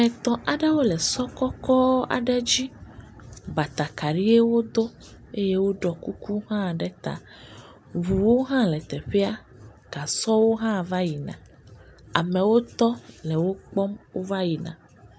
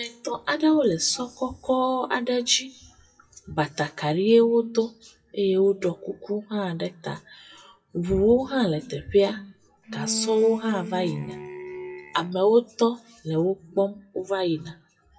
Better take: first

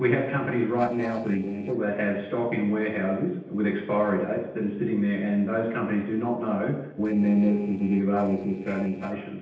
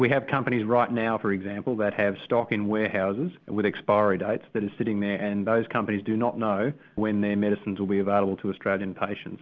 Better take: second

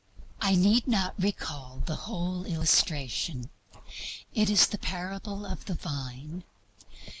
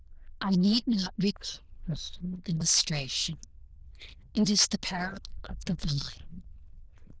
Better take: first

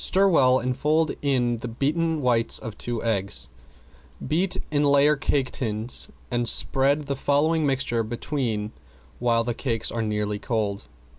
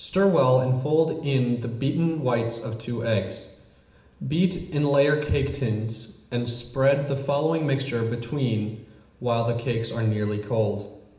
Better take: first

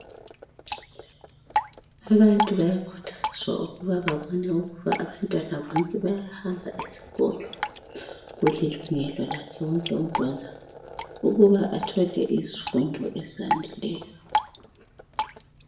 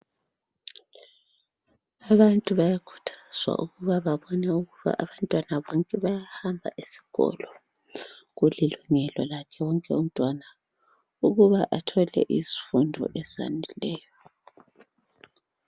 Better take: second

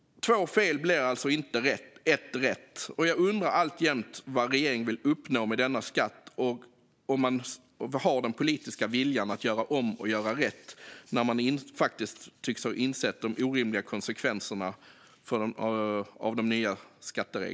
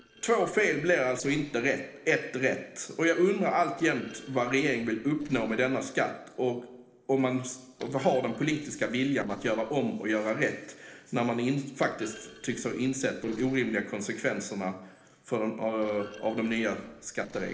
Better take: first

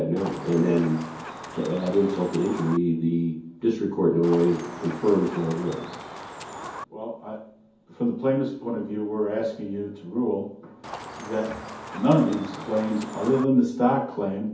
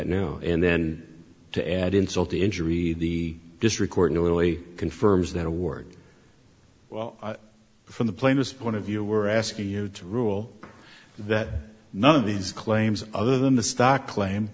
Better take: second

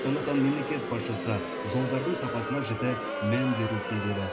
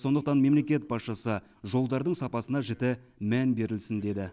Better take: second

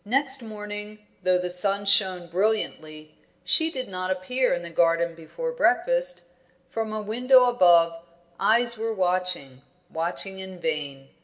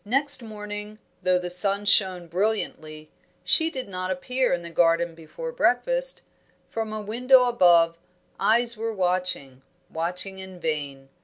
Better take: second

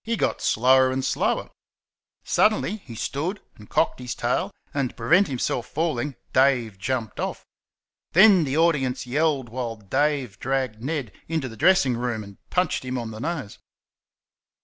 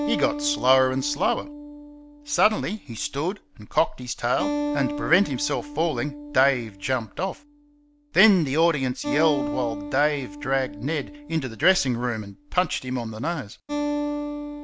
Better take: first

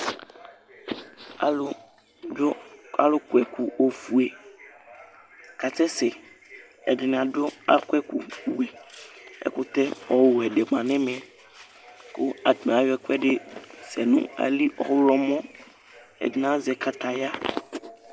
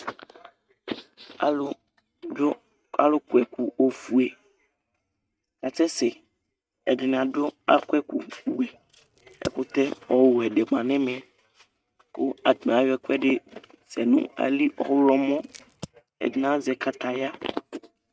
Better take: first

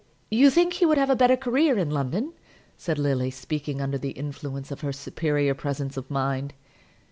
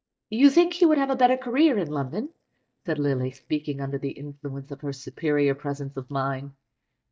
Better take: first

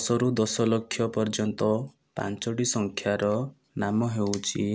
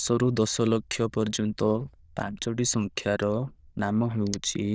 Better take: first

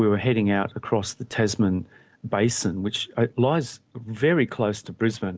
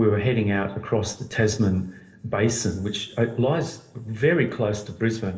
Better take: first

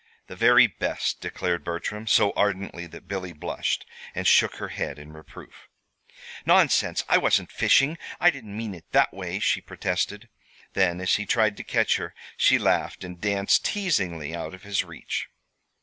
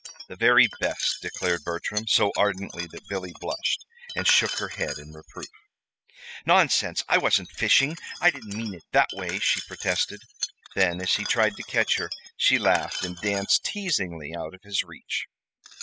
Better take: first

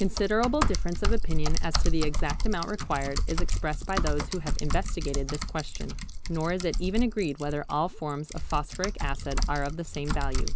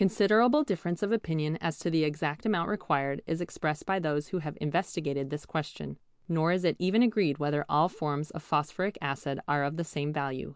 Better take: second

